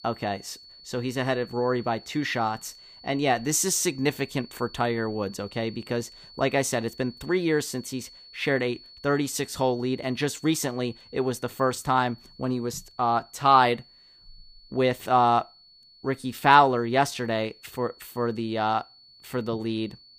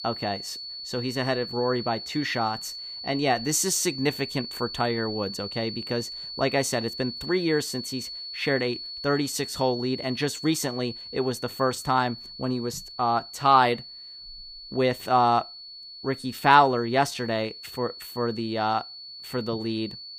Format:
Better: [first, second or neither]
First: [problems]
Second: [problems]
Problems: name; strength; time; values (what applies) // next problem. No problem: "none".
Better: first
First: high-pitched whine; faint; throughout; 4.5 kHz, 20 dB below the speech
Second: high-pitched whine; loud; throughout; 4.5 kHz, 10 dB below the speech